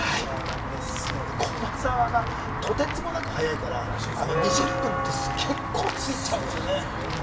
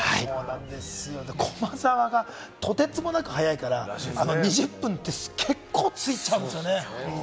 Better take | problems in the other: second | background sound (Walk, footsteps / Bell); as loud as the speech // room echo; dies away in 2.4 s

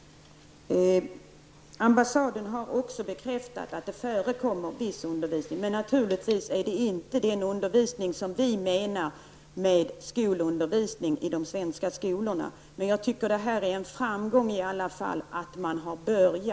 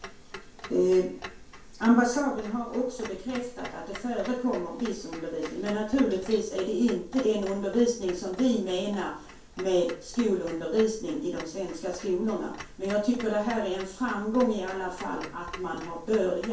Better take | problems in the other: first | background sound (Clock); 18 dB below the speech // room echo; dies away in 0.3 s

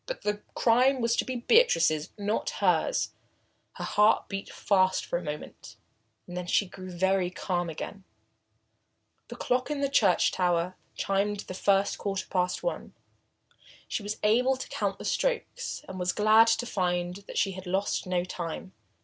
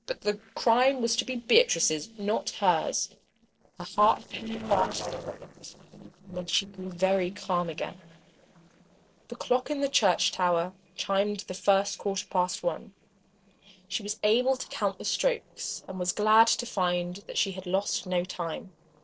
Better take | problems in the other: first | noise reduction (neural separator model SepFormer DNS4)

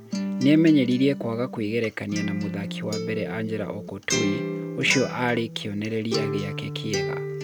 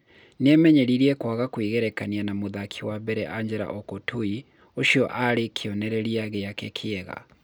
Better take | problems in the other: second | background sound (Acoustic guitar); 5 dB below the speech

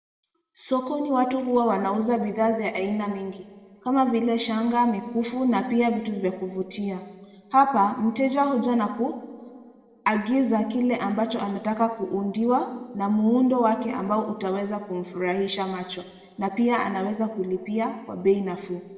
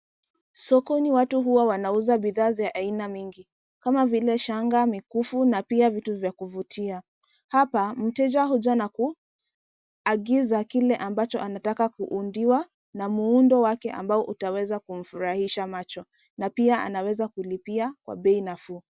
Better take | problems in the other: second | room echo; dies away in 1.5 s

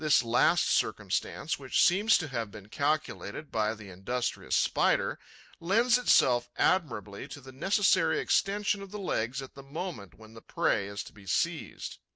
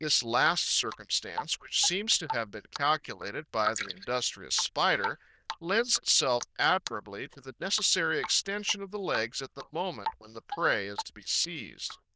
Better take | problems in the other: first | noise reduction (neural diffusion model UNIVERSE++)

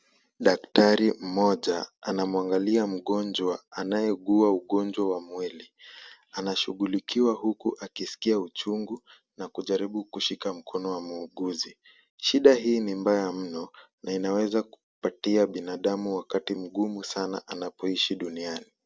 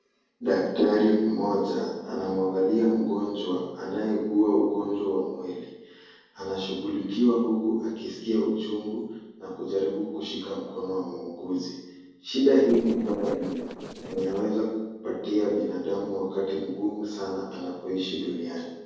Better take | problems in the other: first | noise reduction (neural separator model SepFormer DNS4)

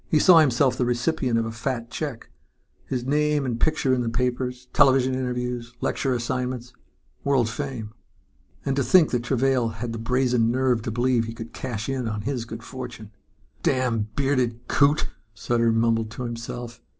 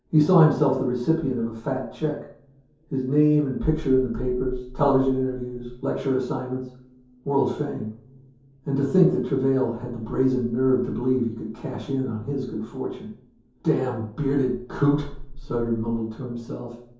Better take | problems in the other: first | room echo; dies away in 0.6 s

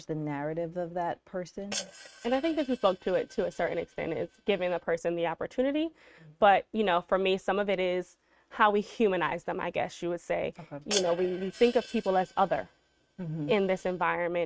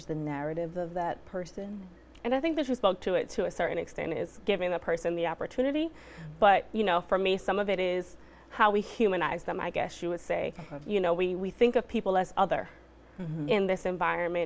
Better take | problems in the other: second | noise reduction (neural mask model RNNoise)

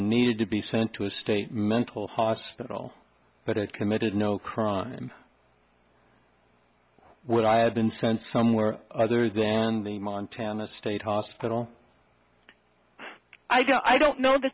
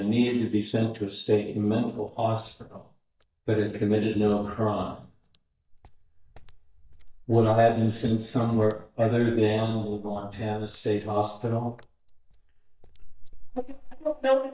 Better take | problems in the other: first | noise reduction (neural mask model DeepFilterNet 3)

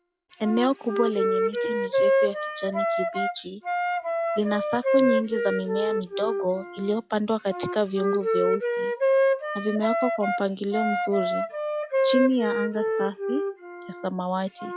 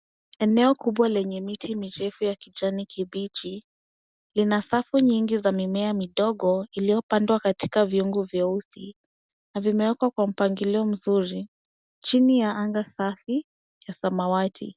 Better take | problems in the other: second | noise reduction (classical method log-MMSE)

